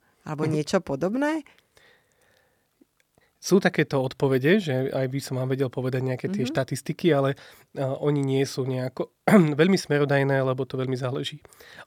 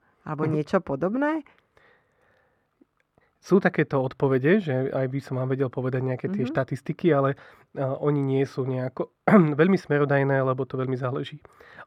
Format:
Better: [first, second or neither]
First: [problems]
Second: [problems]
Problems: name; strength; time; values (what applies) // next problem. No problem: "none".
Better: first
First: none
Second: muffled; slightly; fading above 3.5 kHz